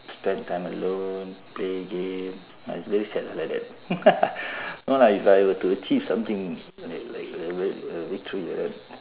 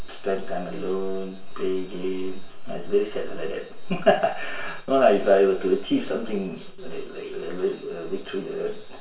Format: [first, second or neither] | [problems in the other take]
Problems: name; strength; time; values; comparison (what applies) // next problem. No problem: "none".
first | room echo; dies away in 0.3 s